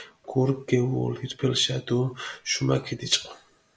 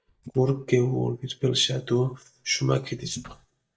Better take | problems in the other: first | noise reduction (neural mask model DeepFilterNet 3)

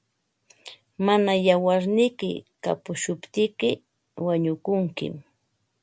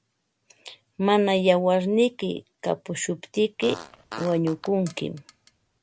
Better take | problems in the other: first | background sound (Fart); 17 dB below the speech

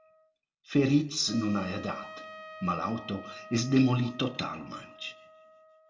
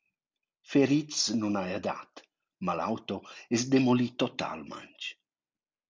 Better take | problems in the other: second | background sound (Trumpet); 18 dB below the speech // room echo; dies away in 0.6 s

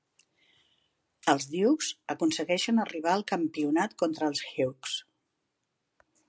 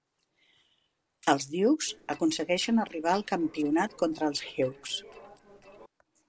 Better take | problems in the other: first | noise reduction (neural separator model SepFormer DNS4)

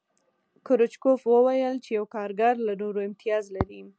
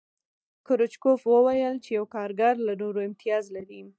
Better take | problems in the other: first | noise reduction (neural mask model DeepFilterNet 3)

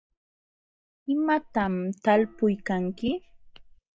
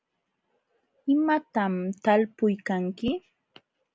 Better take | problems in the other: second | noise reduction (neural mask model DeepFilterNet 3)

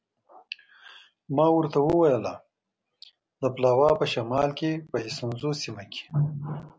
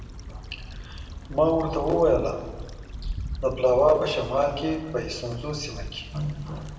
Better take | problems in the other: first | background sound (Stream / Trickle, dribble / Traffic noise, roadway noise); 11 dB below the speech // room echo; dies away in 1.3 s

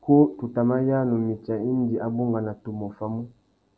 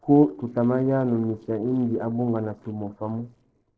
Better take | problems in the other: first | noise reduction (neural separator model SepFormer DNS4)

